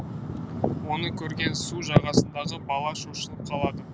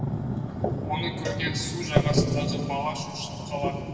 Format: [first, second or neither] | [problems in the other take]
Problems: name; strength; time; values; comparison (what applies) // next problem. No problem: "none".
first | background sound (Cowbell); 16 dB below the speech // room echo; dies away in 2.6 s